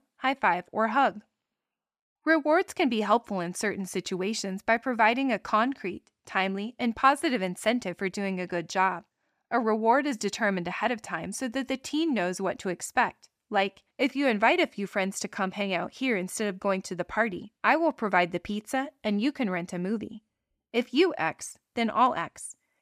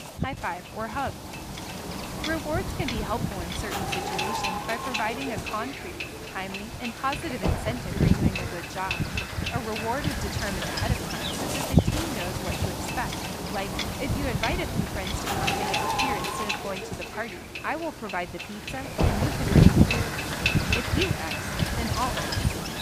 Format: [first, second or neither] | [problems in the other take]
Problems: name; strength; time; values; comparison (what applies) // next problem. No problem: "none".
first | wind noise on the microphone; heavy; 4 dB above the speech